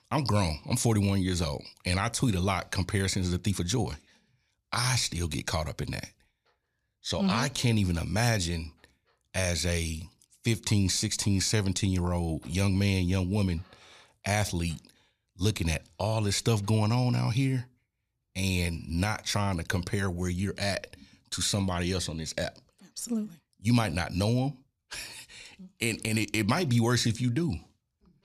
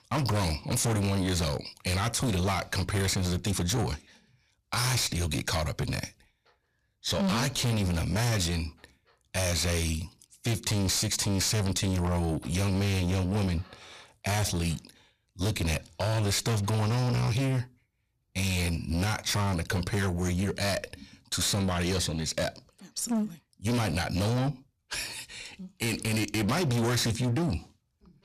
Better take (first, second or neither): first